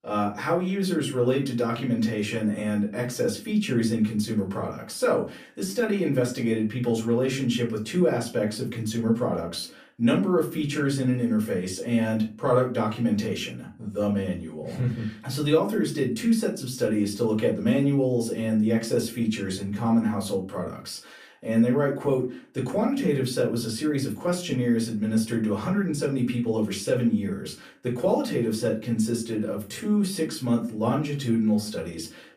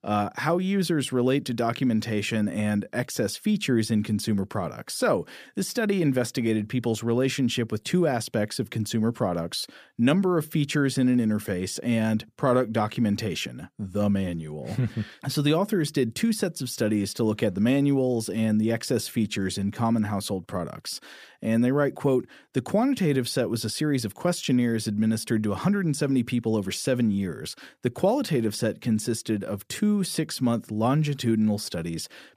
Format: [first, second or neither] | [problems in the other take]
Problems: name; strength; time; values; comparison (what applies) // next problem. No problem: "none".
second | off-mic speech; far // room echo; very slight; dies away in 0.3 s